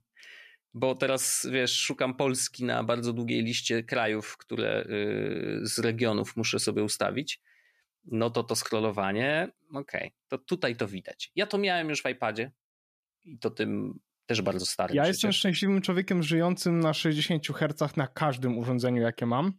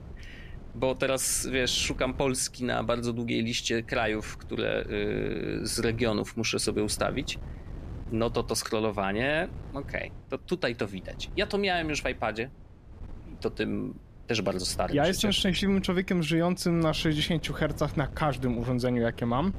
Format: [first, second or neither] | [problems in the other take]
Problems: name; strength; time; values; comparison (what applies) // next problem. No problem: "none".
first | wind noise on the microphone; occasional gusts; 25 dB below the speech